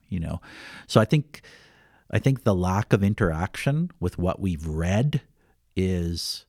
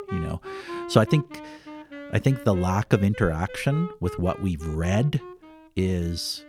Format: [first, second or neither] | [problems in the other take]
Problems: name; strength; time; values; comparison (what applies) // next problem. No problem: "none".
first | background music; noticeable; throughout; 15 dB below the speech